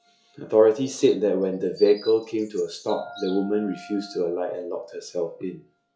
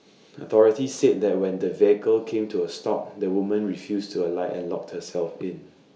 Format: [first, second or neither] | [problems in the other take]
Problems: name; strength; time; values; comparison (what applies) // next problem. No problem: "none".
second | noise reduction (classical method log-MMSE)